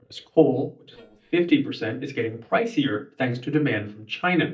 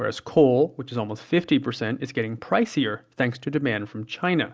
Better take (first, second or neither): second